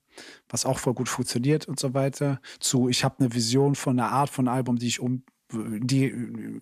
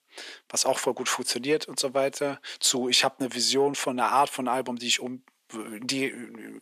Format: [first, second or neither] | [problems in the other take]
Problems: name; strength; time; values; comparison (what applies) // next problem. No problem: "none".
first | thin; somewhat; fading below 450 Hz